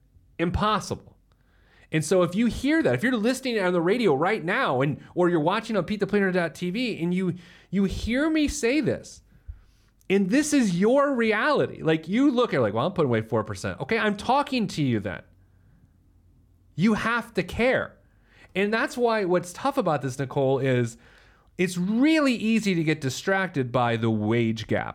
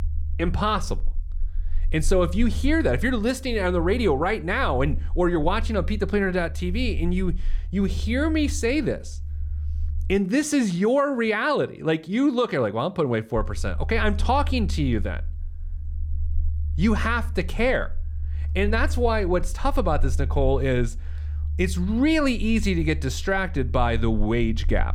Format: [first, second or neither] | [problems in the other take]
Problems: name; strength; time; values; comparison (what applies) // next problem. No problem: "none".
first | low rumble; faint; until 10 s and from 13 s on; 25 dB below the speech